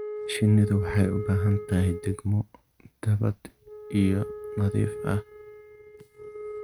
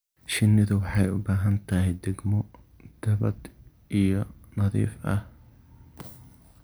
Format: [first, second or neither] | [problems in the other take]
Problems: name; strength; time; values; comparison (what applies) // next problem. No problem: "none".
second | noise reduction (neural mask model RNNoise)